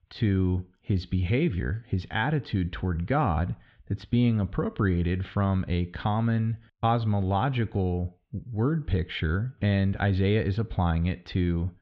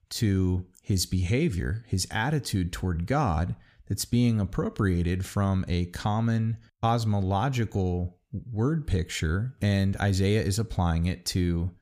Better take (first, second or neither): second